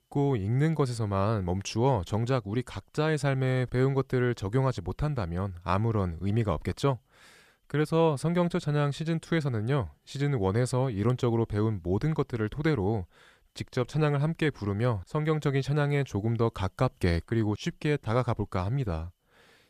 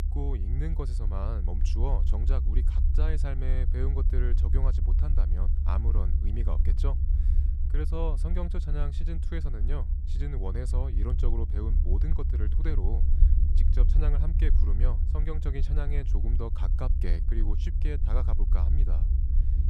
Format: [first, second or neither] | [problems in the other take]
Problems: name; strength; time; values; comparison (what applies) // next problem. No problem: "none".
first | low rumble; loud; throughout; 6 dB below the speech